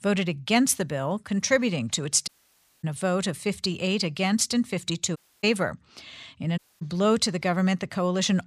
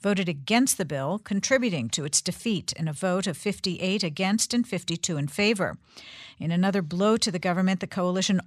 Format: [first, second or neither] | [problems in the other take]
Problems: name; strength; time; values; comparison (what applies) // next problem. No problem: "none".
second | audio cutting out; at 2.5 s for 0.5 s, at 5 s and at 6.5 s